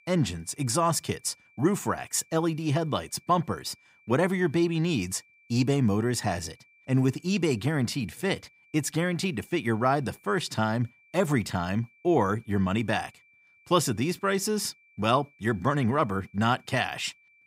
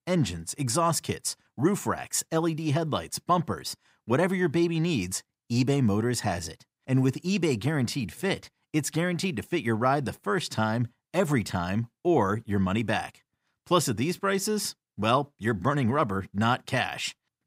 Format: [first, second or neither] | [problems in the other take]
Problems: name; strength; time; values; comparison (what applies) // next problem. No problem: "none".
second | high-pitched whine; faint; throughout; 2.5 kHz, 30 dB below the speech